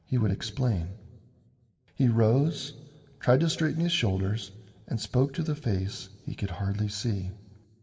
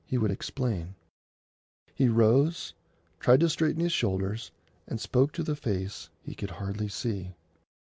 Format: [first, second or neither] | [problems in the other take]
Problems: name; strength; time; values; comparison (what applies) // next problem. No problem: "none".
second | room echo; dies away in 0.9 s